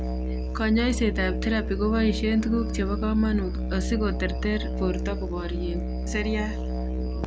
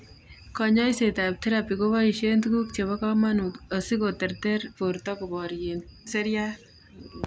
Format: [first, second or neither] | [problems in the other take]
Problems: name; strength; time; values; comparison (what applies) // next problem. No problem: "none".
second | background sound (Musical instrument); 1 dB below the speech